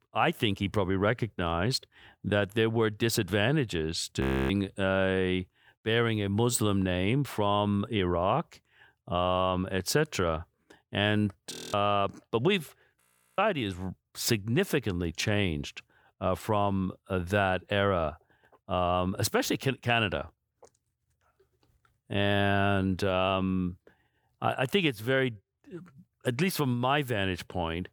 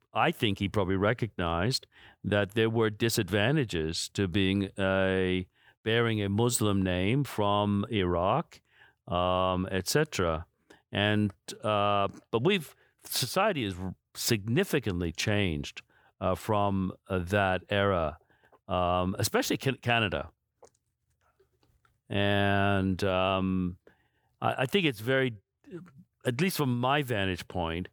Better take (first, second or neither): second